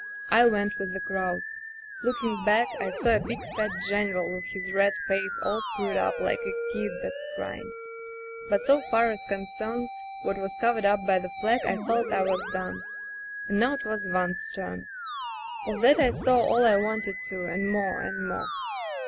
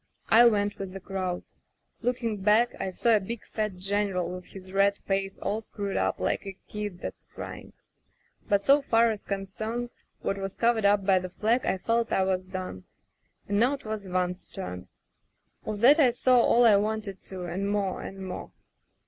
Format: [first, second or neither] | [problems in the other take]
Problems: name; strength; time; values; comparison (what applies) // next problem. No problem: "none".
second | background sound (Musical instrument); 7 dB below the speech